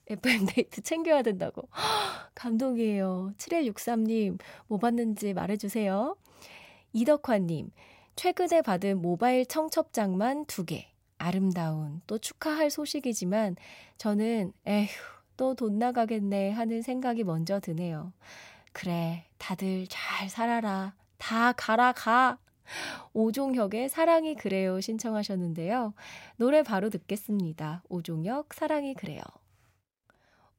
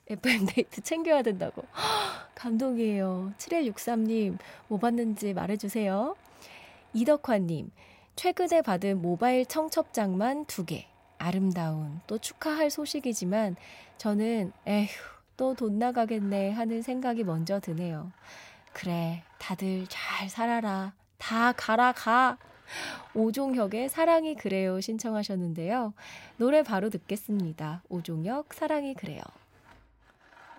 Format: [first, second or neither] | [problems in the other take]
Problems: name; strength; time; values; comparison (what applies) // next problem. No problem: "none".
first | machinery noise; faint; throughout; 30 dB below the speech